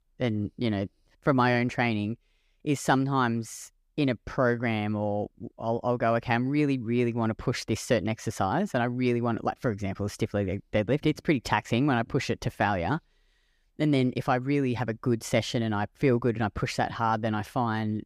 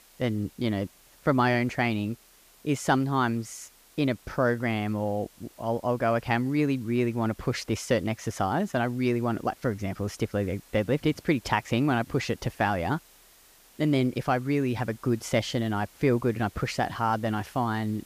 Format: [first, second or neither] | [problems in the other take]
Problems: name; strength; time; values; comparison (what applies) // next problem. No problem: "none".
first | hiss; faint; throughout; 25 dB below the speech